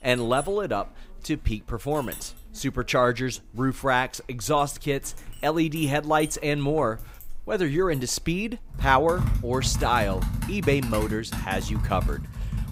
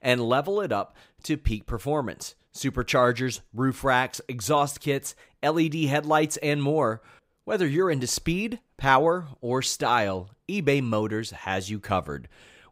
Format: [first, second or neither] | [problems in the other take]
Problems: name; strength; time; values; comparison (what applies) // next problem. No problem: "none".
second | household noises; loud; throughout; 7 dB below the speech